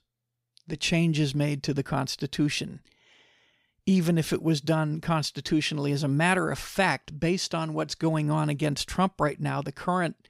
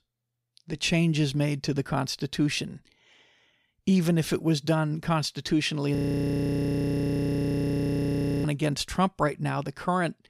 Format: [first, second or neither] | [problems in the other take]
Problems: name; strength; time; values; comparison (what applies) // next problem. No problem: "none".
first | audio freezing; at 6 s for 2.5 s